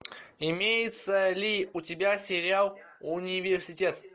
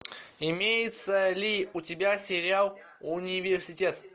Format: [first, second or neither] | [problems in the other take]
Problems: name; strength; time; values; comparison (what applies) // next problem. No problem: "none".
second | noise reduction (neural mask model Resemble Enhance denoiser)